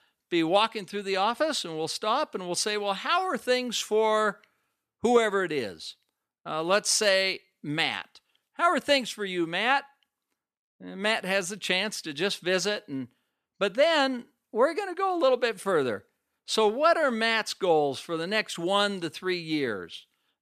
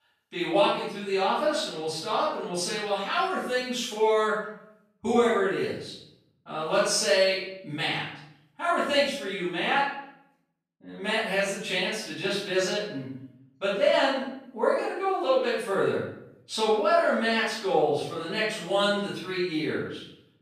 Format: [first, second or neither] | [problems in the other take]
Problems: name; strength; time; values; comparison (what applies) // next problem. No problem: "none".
first | off-mic speech; far // room echo; noticeable; dies away in 0.7 s